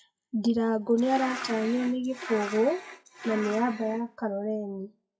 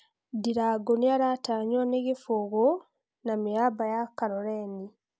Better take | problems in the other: second | noise reduction (classical method WPE with log-MMSE)

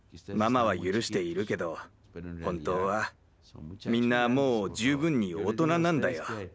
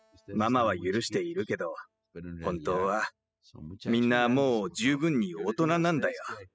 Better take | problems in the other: first | noise reduction (classical method spectral subtraction)

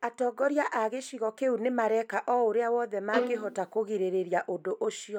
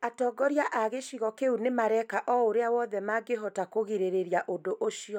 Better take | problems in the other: second | background sound (Bowed string instrument); 4 dB below the speech

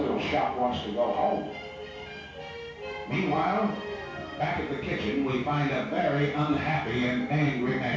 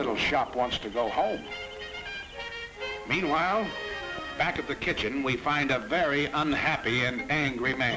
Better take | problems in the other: second | room echo; dies away in 0.6 s

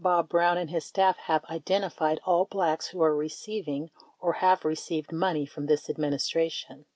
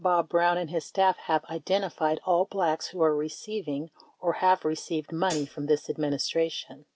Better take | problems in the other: first | background sound (Hi-hat); 13 dB below the speech

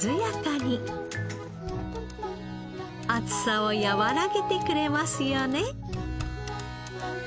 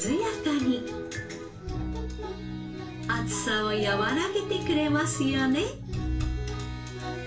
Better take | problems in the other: first | room echo; dies away in 0.3 s

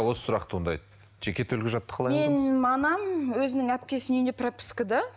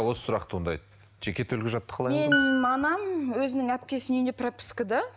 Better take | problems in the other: first | background sound (Piano); 3 dB below the speech

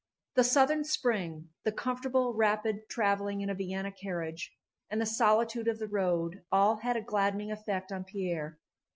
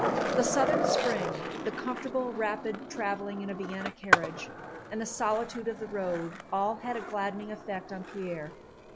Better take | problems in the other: first | background sound (Skateboard); as loud as the speech

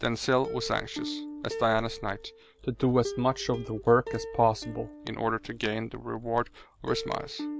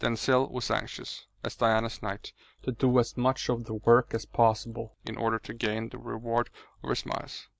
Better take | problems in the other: second | background sound (Plucked string instrument); 11 dB below the speech

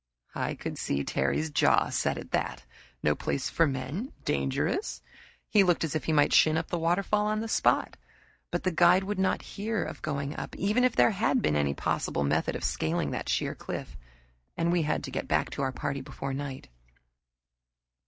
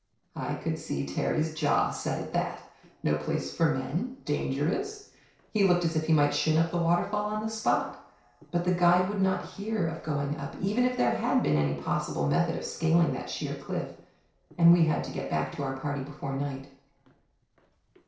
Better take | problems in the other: first | noise reduction (neural separator model SepFormer DNS4)

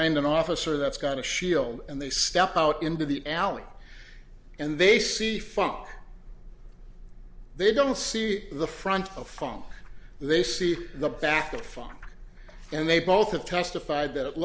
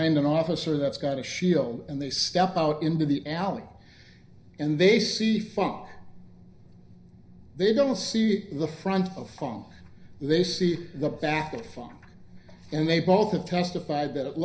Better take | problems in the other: first | room echo; dies away in 0.5 s

